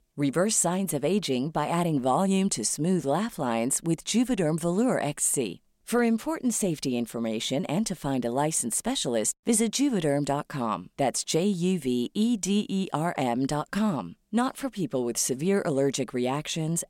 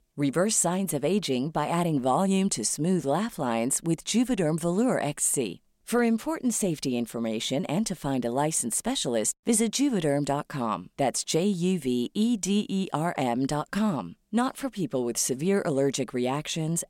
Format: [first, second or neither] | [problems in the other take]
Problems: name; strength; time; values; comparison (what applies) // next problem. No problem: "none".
neither | none